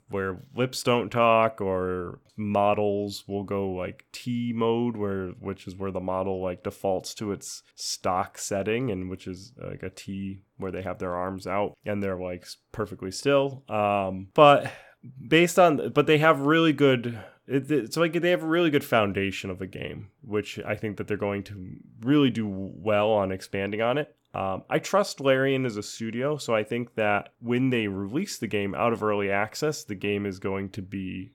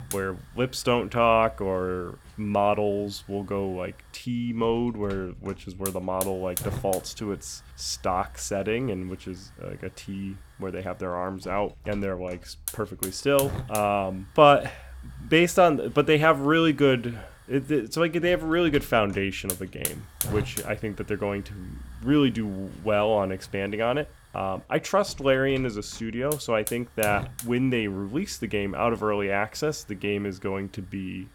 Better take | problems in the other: first | hiss; noticeable; throughout; 10 dB below the speech

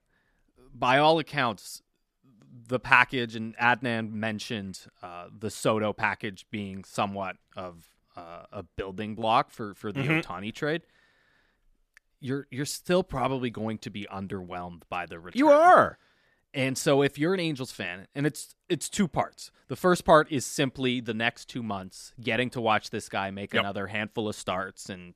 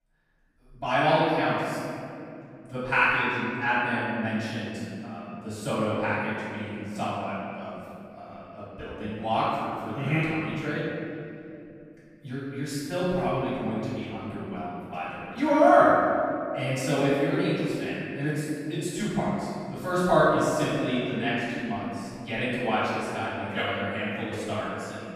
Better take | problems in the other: first | off-mic speech; far // room echo; strong; dies away in 2.5 s

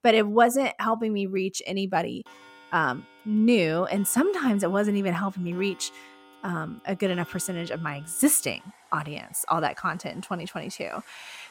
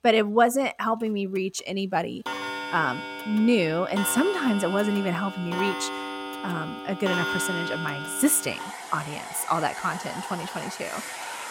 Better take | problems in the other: first | household noises; loud; throughout; 7 dB below the speech; faint in the first

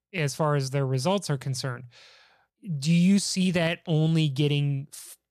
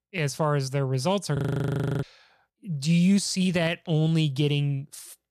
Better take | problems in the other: first | audio freezing; at 1.5 s for 0.5 s

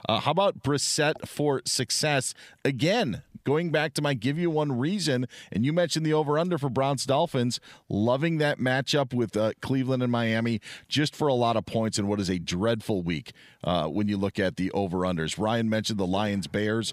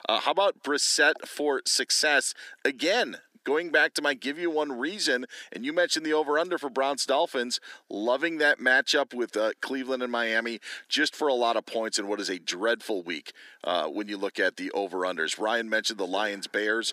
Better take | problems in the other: first | thin; somewhat; fading below 300 Hz

